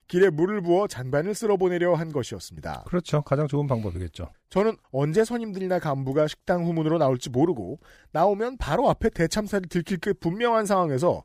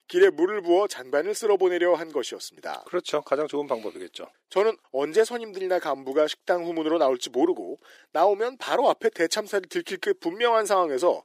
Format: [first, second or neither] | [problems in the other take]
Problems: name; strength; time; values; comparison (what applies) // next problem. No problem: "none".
first | thin; somewhat; fading below 350 Hz